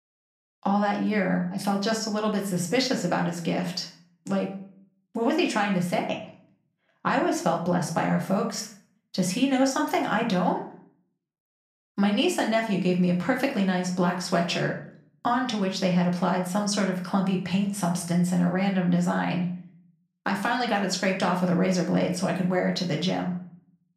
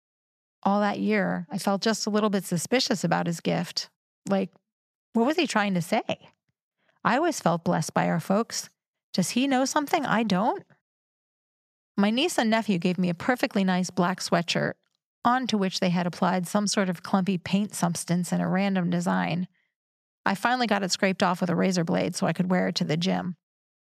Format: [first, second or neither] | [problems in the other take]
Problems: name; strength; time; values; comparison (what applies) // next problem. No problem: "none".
second | room echo; slight; dies away in 0.4 s // off-mic speech; somewhat distant